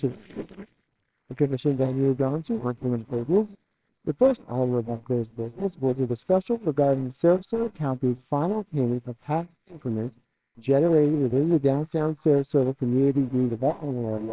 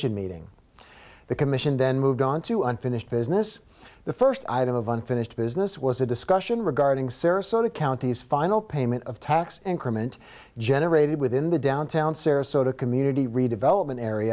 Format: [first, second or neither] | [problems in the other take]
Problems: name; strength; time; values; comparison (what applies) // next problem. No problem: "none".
second | noise reduction (neural separator model SepFormer WHAMR!)